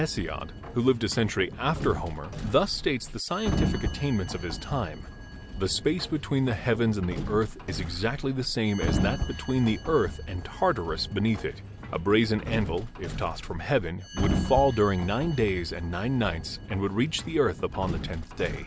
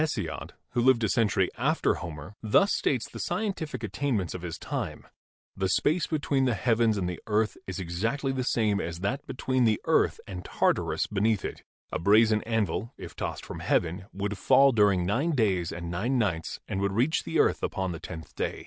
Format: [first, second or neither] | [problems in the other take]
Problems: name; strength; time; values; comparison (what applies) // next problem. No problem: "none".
second | background sound (Sliding door); 7 dB below the speech